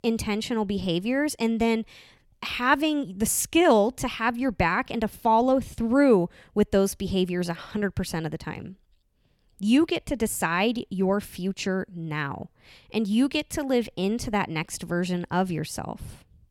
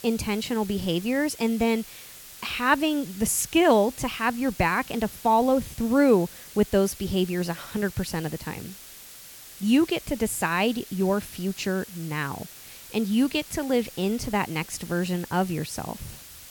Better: first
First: none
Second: hiss; noticeable; throughout; 15 dB below the speech

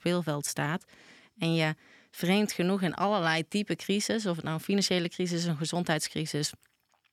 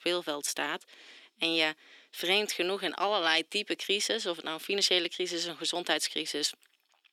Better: first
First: none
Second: thin; very; fading below 350 Hz

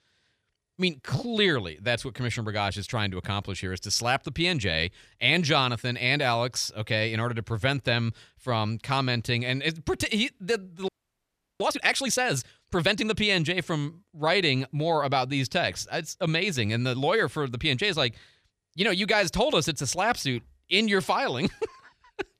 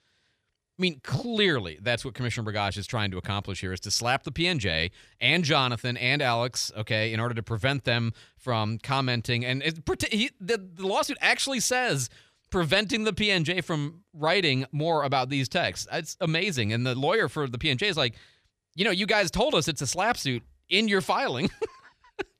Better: second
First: audio freezing; at 11 s for 0.5 s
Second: none

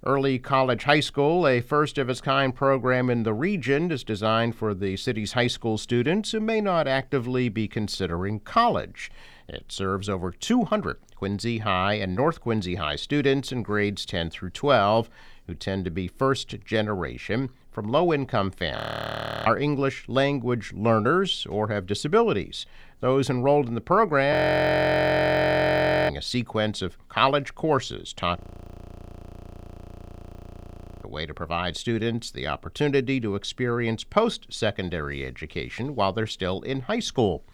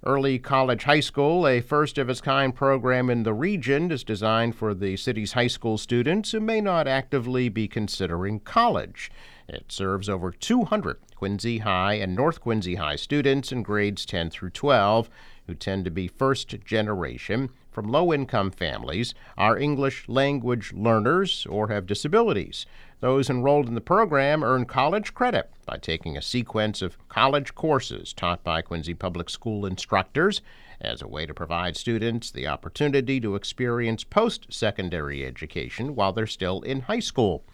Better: second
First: audio freezing; at 19 s for 0.5 s, at 24 s for 2 s and at 28 s for 2.5 s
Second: none

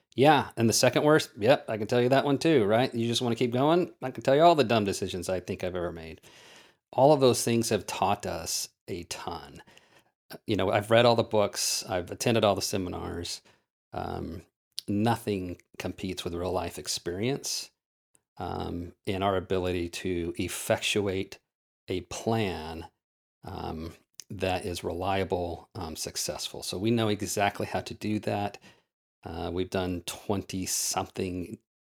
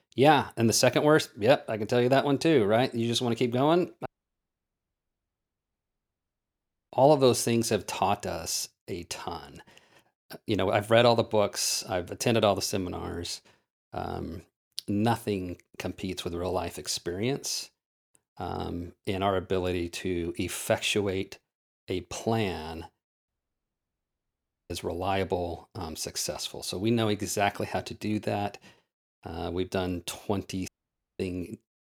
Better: first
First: none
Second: audio cutting out; at 4 s for 3 s, at 23 s for 1.5 s and at 31 s for 0.5 s

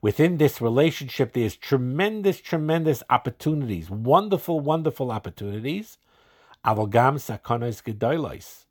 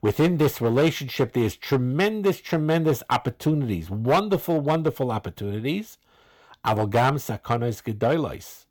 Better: first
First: none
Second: distortion; slight; 5% of the sound clipped

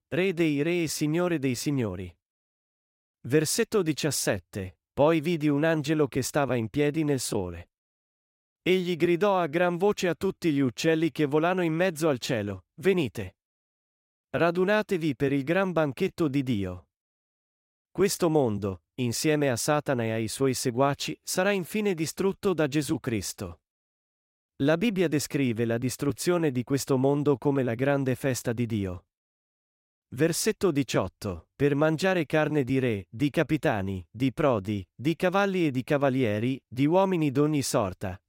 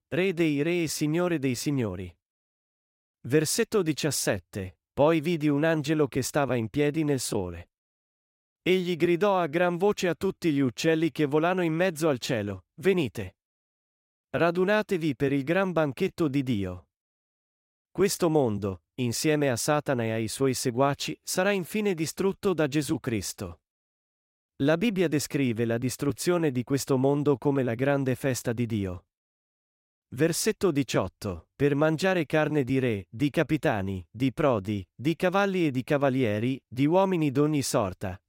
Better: neither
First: none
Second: none

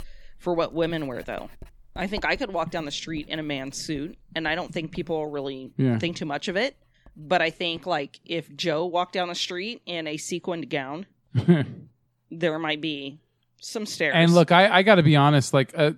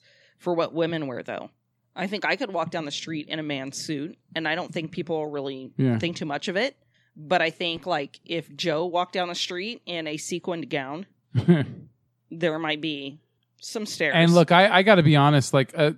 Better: second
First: household noises; faint; throughout; 25 dB below the speech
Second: none

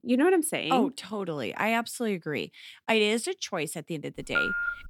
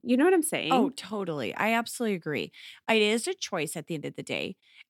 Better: second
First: phone ringing; loud; at 4 s; peak 1 dB above the speech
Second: none

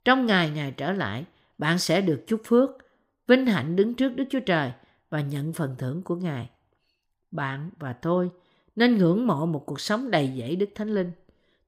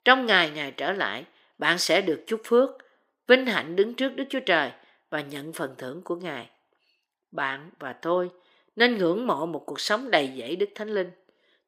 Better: first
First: none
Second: thin; somewhat; fading below 400 Hz

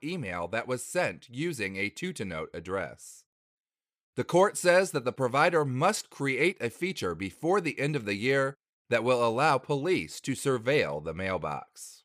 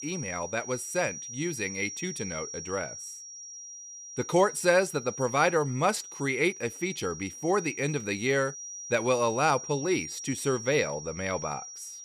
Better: first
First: none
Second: high-pitched whine; loud; throughout; 5.5 kHz, 10 dB below the speech

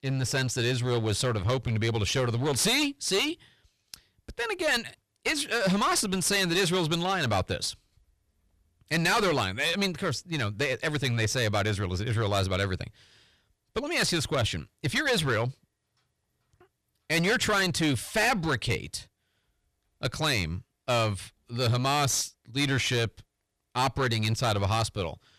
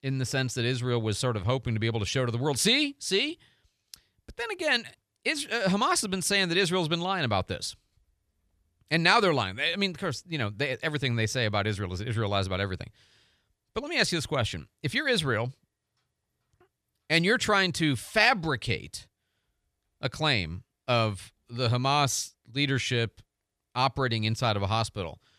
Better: second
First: distortion; heavy; 11% of the sound clipped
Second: none

